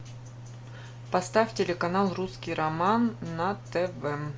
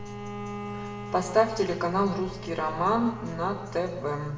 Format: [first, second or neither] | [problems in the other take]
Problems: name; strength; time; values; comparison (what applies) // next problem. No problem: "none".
first | background sound (Bowed string instrument); 12 dB below the speech // room echo; dies away in 1 s